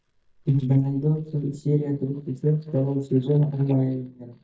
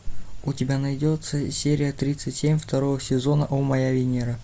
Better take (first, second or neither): second